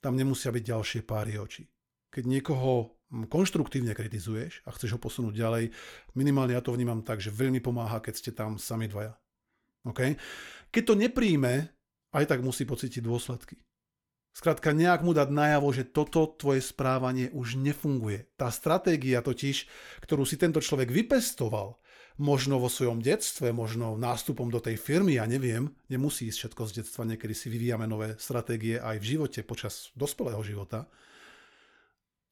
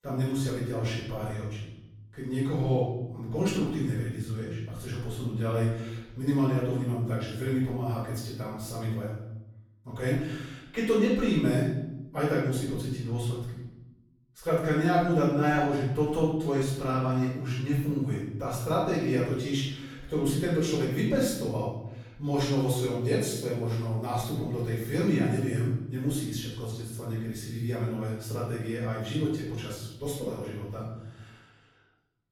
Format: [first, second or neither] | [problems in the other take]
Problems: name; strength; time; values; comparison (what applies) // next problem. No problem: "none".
first | off-mic speech; far // room echo; noticeable; dies away in 0.9 s